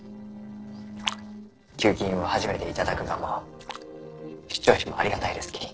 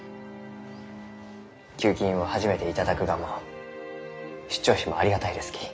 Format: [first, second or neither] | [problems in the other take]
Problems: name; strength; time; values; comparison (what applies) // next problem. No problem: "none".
second | noise reduction (neural separator model SepFormer DNS4)